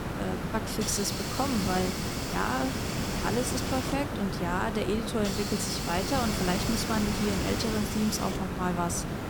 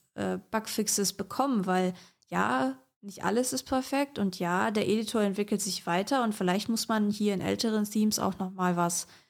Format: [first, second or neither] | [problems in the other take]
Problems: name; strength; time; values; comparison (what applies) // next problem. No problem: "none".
second | hiss; loud; throughout; 1 dB below the speech